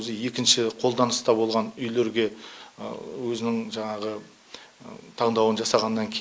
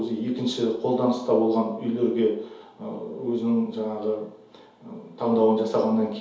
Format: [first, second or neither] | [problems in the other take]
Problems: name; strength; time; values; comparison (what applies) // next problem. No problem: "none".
first | room echo; dies away in 0.8 s